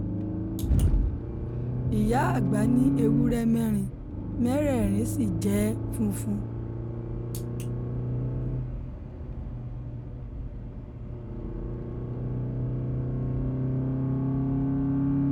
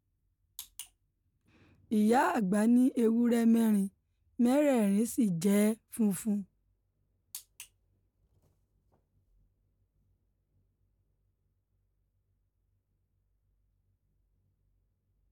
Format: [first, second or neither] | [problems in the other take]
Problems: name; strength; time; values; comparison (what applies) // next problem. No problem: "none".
second | background sound (Accelerating, revving, vroom); 4 dB above the speech